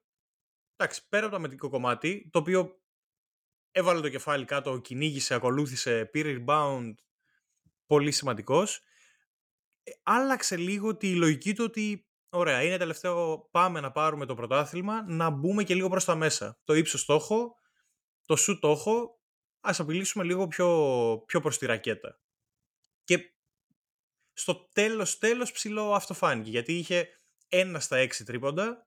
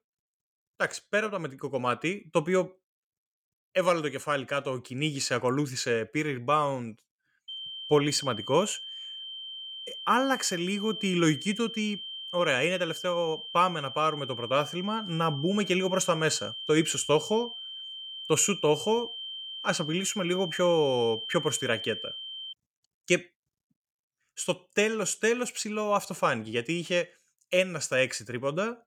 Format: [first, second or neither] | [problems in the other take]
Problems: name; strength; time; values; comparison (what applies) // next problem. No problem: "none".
first | high-pitched whine; loud; from 7.5 to 23 s; 3 kHz, 8 dB below the speech